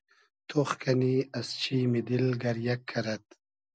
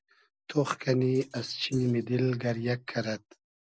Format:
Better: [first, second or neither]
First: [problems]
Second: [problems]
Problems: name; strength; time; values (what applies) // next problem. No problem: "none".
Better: first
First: none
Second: noise reduction (neural mask model Resemble Enhance denoiser)